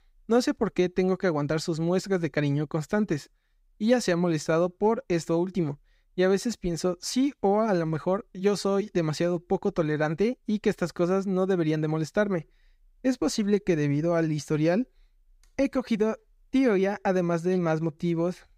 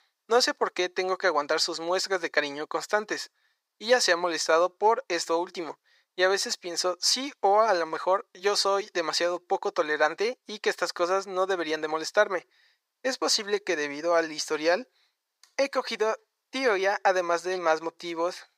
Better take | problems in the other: first | thin; very; fading below 500 Hz

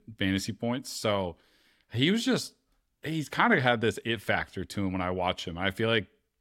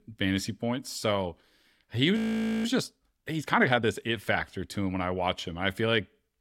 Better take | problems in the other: first | audio freezing; at 2 s

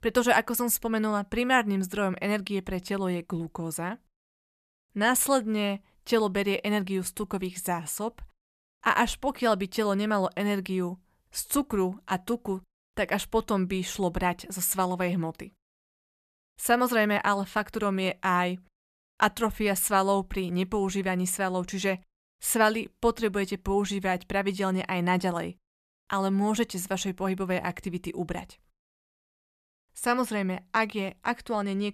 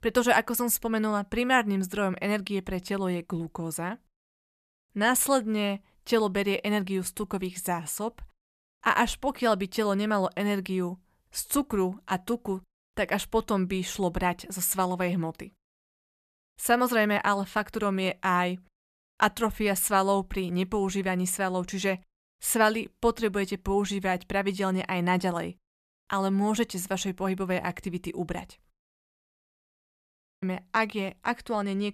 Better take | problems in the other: first | audio cutting out; at 30 s for 0.5 s

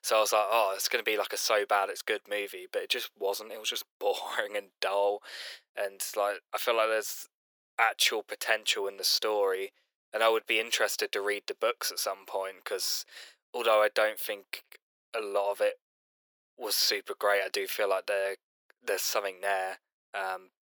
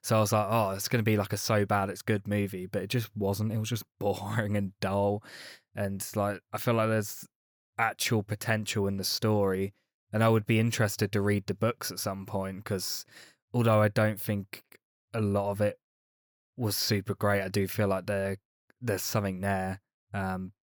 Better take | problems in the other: second | thin; very; fading below 400 Hz

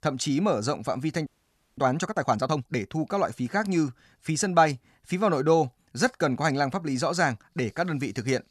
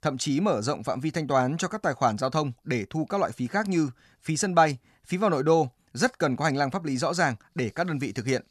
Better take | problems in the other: second | audio freezing; at 1.5 s for 0.5 s

